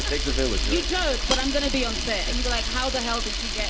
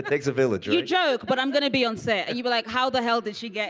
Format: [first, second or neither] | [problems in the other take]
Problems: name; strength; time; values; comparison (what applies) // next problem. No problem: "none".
second | background sound (Camera); 2 dB above the speech // room echo; dies away in 2.2 s